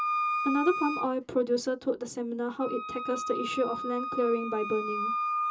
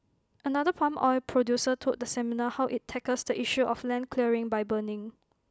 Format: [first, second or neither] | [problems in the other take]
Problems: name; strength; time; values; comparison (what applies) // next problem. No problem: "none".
second | background sound (Wind instrument, woodwind instrument); 3 dB below the speech // room echo; dies away in 0.2 s